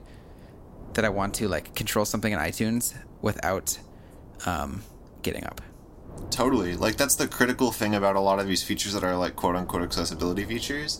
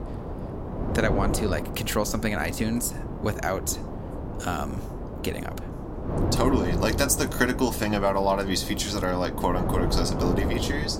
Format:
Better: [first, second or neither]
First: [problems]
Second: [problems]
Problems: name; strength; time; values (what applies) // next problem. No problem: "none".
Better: first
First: wind noise on the microphone; occasional gusts; 20 dB below the speech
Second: wind noise on the microphone; heavy; 7 dB below the speech